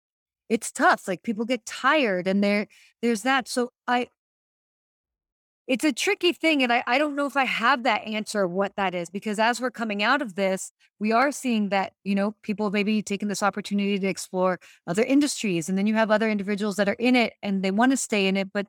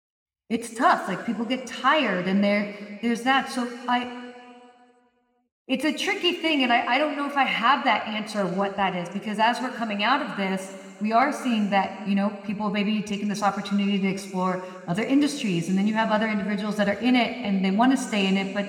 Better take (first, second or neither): first